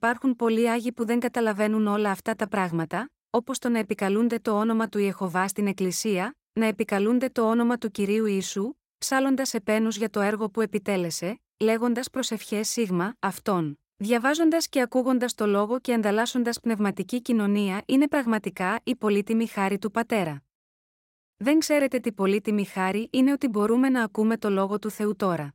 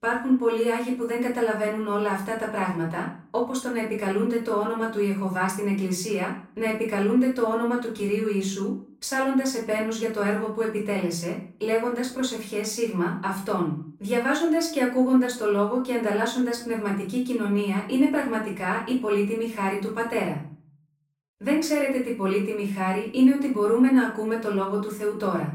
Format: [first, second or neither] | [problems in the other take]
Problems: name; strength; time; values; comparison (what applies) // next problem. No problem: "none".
first | off-mic speech; far // room echo; slight; dies away in 0.4 s